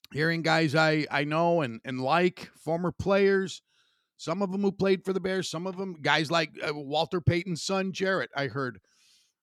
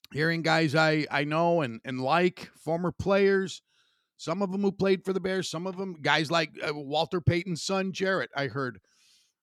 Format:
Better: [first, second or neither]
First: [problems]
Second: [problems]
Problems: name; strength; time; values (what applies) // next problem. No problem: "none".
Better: neither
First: none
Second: none